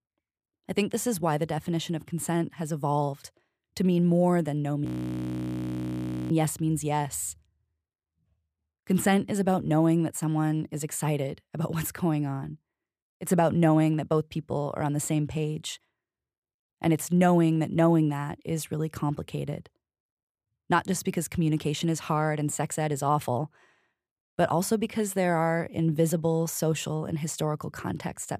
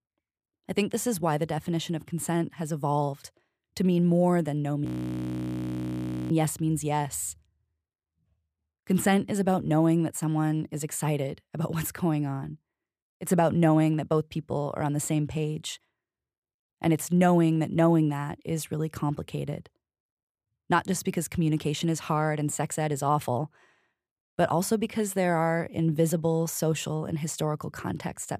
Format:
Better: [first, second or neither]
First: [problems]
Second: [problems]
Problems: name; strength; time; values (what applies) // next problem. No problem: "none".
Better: neither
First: audio freezing; at 5 s for 1.5 s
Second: audio freezing; at 5 s for 1.5 s